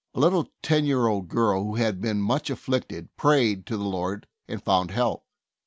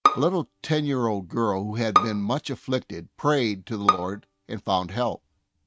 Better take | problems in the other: first | noise reduction (neural mask model RNNoise)

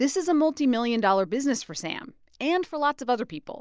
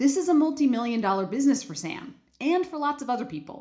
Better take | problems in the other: first | room echo; dies away in 0.4 s

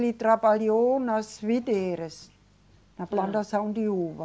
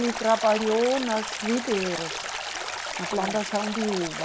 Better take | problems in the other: first | background sound (Stream); 6 dB below the speech

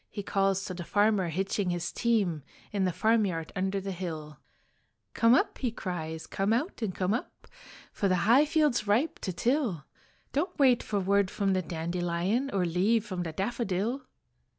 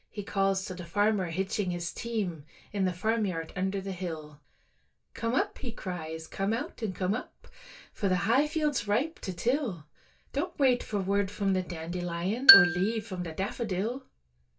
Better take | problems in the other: first | background sound (Marimba, xylophone); 3 dB above the speech // room echo; dies away in 0.2 s

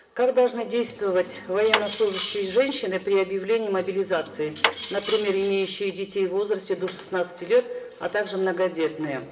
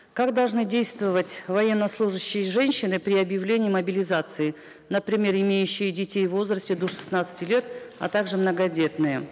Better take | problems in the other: second | background sound (Cutlery, silverware); 8 dB below the speech // room echo; dies away in 0.4 s

